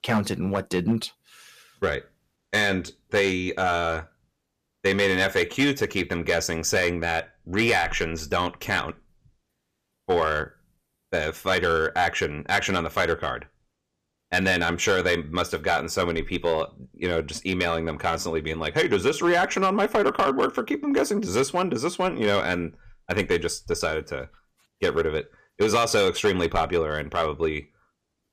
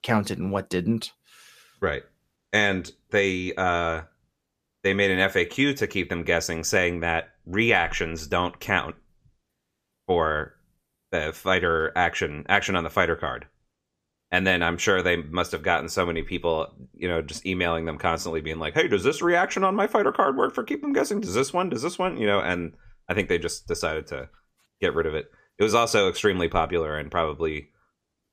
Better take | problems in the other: second | distortion; slight; 3% of the sound clipped

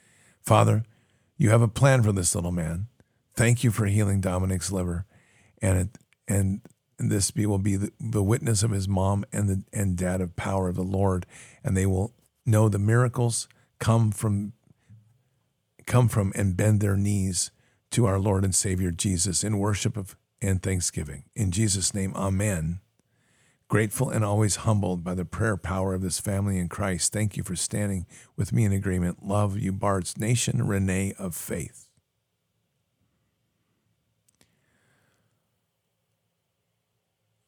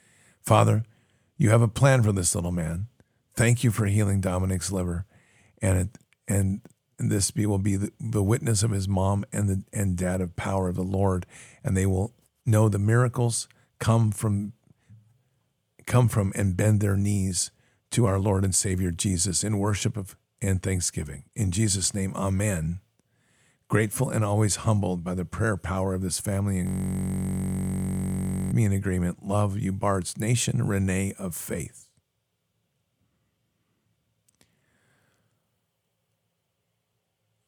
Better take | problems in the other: first | audio freezing; at 27 s for 2 s

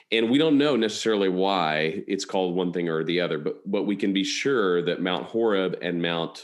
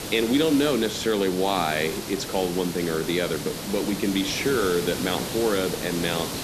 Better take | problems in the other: first | hiss; loud; throughout; 7 dB below the speech

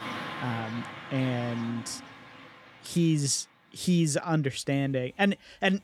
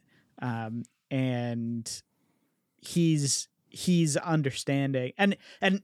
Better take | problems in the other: second | traffic noise; noticeable; throughout; 10 dB below the speech

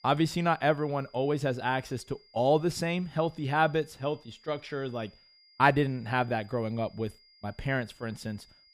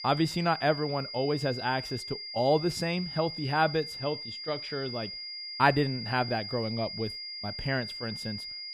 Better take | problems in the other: first | high-pitched whine; loud; throughout; 5 kHz, 7 dB below the speech; faint in the first

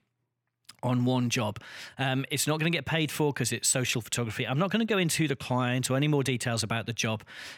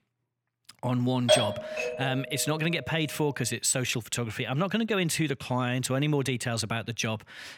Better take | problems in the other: first | doorbell; loud; at 1.5 s; peak 5 dB above the speech

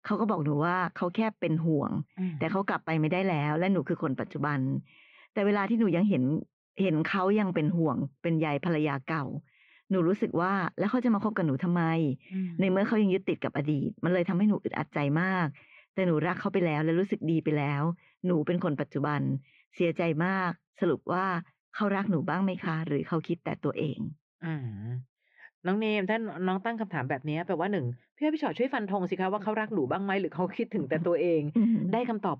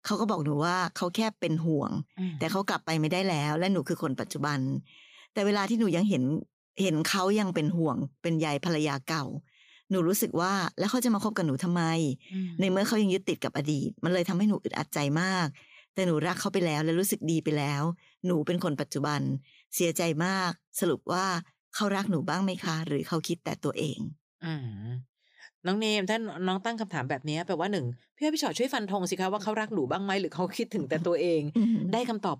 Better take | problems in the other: second | muffled; very; fading above 2.5 kHz

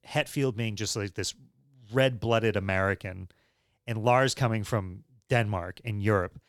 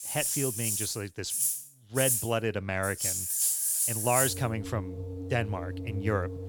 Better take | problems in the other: first | background music; very loud; throughout; 2 dB above the speech

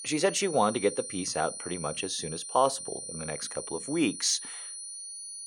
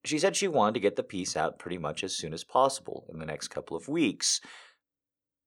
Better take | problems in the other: second | high-pitched whine; loud; throughout; 9.5 kHz, 8 dB below the speech

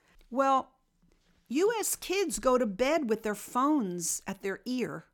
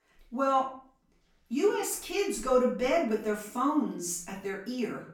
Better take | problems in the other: first | off-mic speech; far // room echo; slight; dies away in 0.4 s

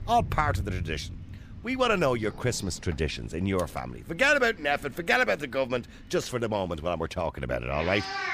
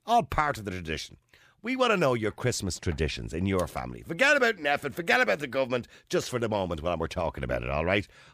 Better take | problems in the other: second | animal sounds; noticeable; throughout; 15 dB below the speech

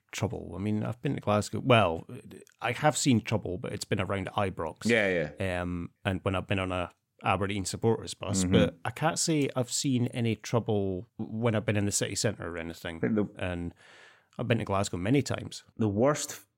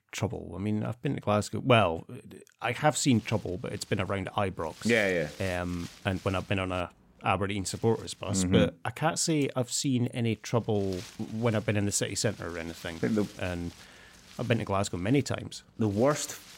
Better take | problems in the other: first | wind noise on the microphone; occasional gusts; from 3 to 8.5 s and from 11 s on; 20 dB below the speech

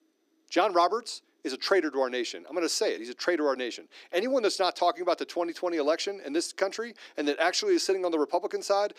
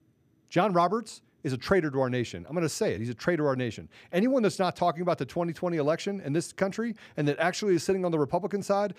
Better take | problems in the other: second | thin; somewhat; fading below 300 Hz

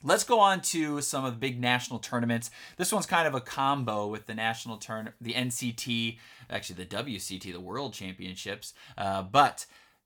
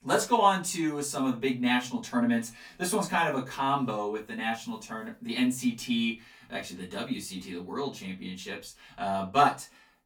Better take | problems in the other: first | off-mic speech; far // room echo; very slight; dies away in 0.2 s

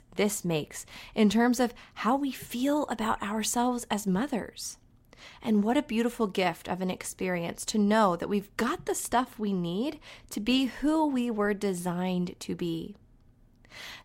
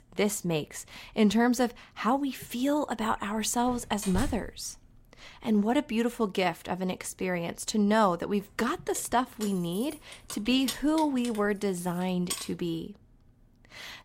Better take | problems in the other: first | door banging; noticeable; from 3.5 to 4.5 s; peak 7 dB below the speech // jangling keys; noticeable; from 9 to 12 s; peak 6 dB below the speech

